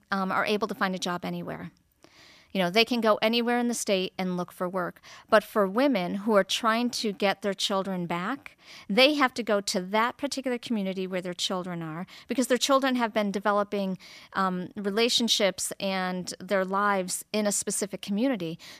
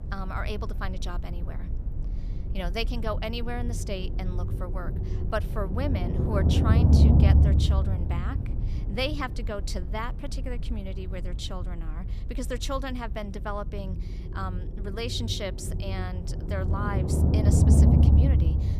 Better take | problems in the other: first | low rumble; loud; throughout; 2 dB below the speech

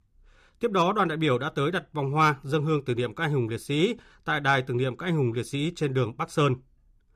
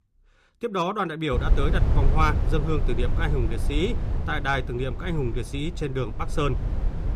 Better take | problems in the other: first | low rumble; noticeable; from 1.5 s on; 10 dB below the speech

